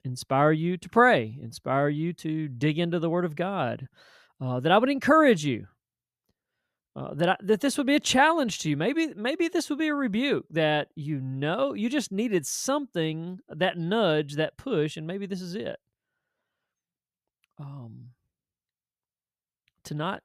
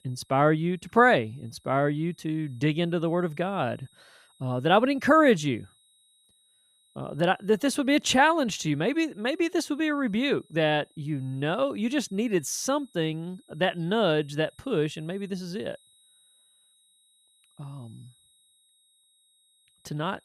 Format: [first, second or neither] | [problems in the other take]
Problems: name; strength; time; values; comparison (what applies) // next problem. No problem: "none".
first | high-pitched whine; faint; throughout; 4 kHz, 35 dB below the speech